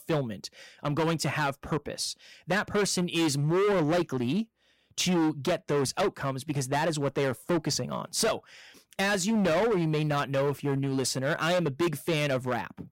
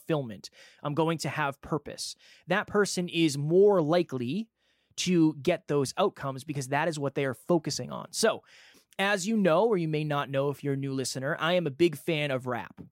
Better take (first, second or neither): second